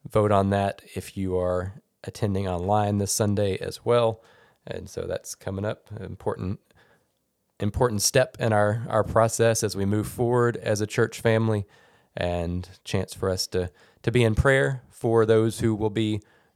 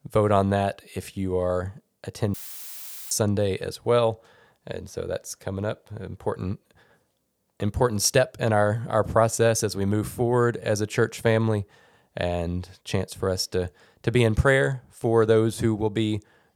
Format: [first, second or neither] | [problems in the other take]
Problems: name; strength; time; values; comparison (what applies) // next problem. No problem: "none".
first | audio cutting out; filled with static; at 2.5 s for 1 s